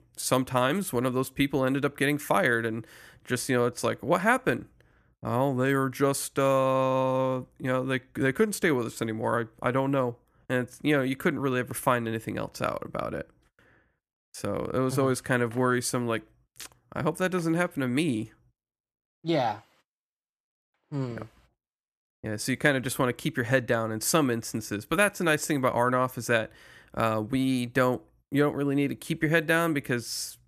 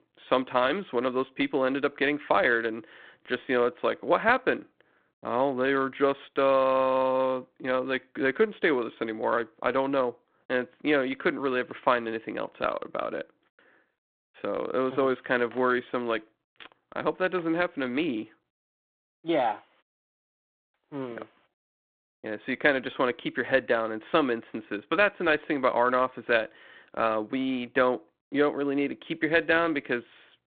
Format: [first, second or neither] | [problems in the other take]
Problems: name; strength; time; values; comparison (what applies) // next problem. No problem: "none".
first | phone-call audio; nothing above 4 kHz